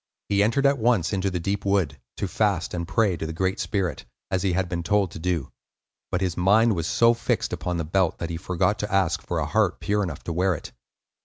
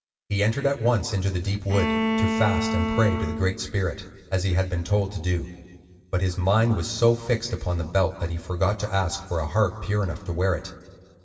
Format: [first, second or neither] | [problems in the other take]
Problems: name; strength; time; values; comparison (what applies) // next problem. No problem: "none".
first | background sound (Bowed string instrument); 3 dB below the speech // room echo; dies away in 1.8 s